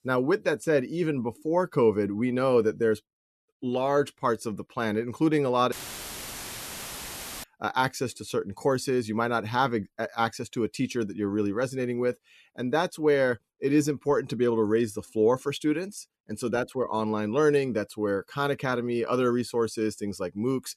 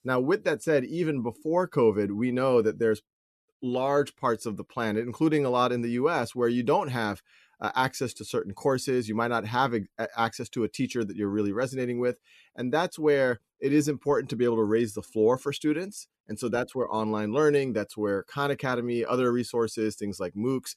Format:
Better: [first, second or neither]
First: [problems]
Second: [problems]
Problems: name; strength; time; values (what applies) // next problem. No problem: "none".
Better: second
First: audio cutting out; filled with static; at 5.5 s for 1.5 s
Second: none